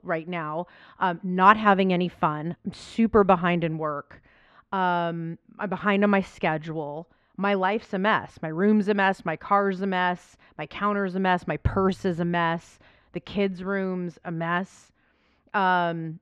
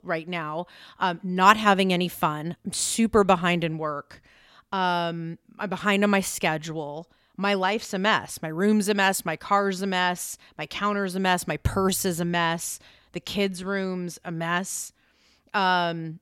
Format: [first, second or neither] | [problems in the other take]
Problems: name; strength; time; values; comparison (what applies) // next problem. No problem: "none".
second | muffled; very; fading above 2 kHz